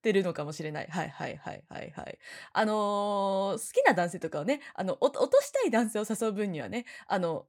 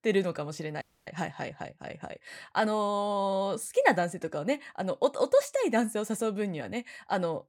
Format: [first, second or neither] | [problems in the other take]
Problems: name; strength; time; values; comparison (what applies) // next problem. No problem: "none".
first | audio freezing; at 1 s